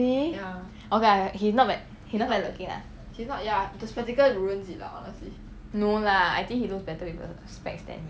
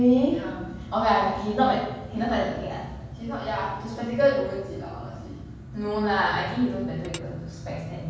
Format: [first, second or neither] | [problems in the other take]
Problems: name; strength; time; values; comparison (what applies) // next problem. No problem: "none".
first | background sound (Tap / Dishes, pots, and pans); 16 dB below the speech // room echo; dies away in 1.2 s